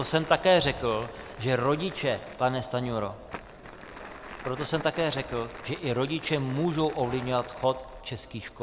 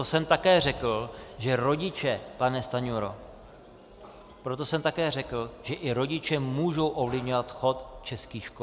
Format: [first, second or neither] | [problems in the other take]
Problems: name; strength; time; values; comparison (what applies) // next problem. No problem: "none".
second | background sound (Crumpling, crinkling); 16 dB below the speech